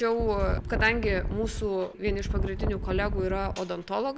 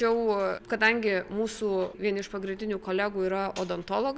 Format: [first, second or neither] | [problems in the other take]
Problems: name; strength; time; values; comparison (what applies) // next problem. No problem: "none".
second | background sound (Wind); 1 dB below the speech